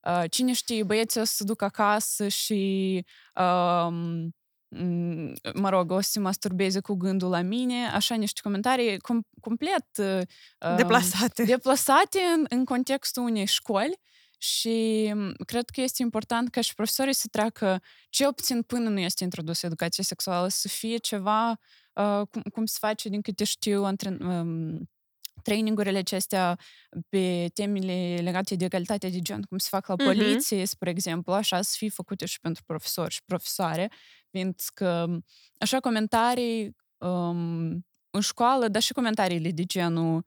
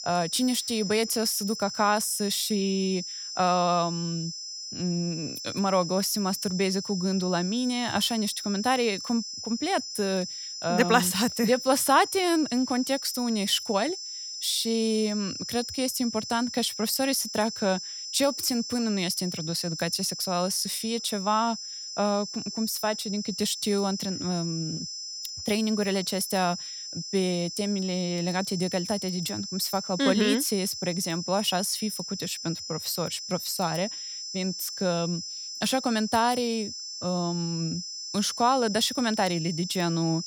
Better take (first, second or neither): first